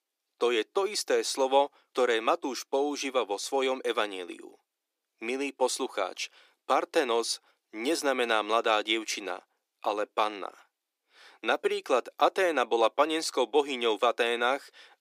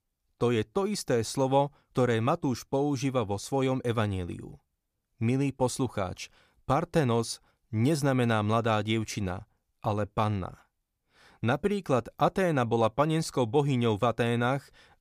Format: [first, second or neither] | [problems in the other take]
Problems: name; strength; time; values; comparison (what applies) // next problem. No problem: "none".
second | thin; somewhat; fading below 300 Hz